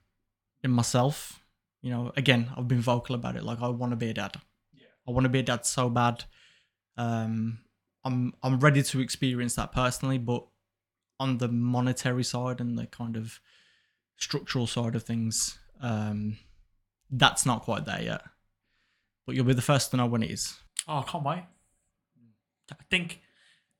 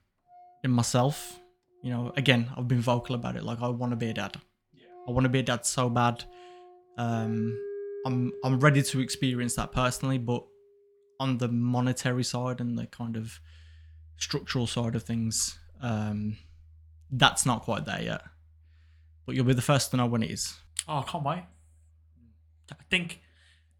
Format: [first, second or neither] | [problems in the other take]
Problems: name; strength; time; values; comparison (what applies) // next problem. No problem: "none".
first | background music; noticeable; throughout; 20 dB below the speech